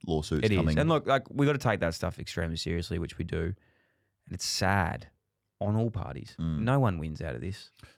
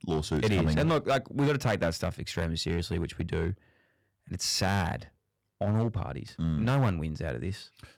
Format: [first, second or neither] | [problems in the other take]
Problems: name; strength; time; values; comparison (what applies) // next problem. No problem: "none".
first | distortion; slight; 5% of the sound clipped